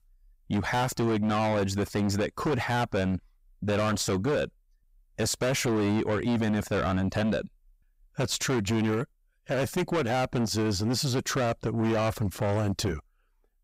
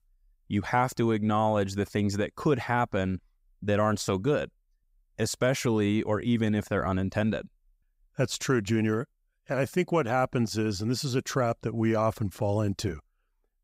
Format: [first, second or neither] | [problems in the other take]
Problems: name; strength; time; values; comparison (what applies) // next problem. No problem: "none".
second | distortion; heavy; 7 dB below the speech